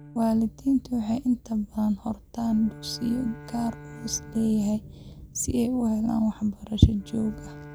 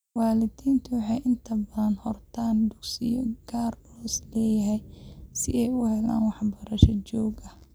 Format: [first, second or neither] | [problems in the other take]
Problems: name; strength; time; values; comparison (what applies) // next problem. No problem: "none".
second | background sound (Bowed string instrument); 19 dB below the speech